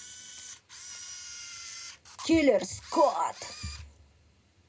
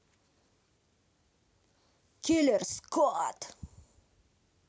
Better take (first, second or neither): second